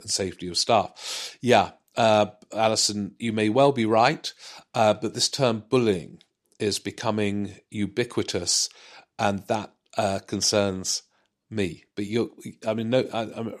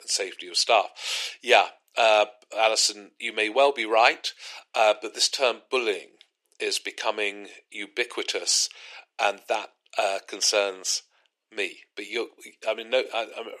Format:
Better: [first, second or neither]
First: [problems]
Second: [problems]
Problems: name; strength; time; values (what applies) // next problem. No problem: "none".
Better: first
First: none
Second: thin; very; fading below 400 Hz